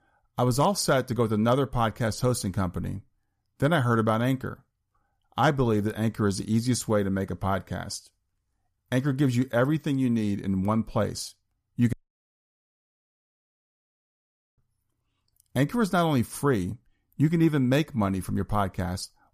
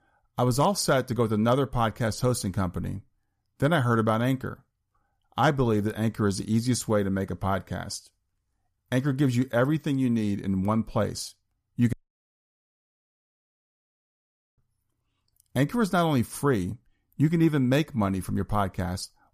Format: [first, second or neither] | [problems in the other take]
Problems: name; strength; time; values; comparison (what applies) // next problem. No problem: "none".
neither | audio cutting out; at 12 s for 2.5 s; the same in both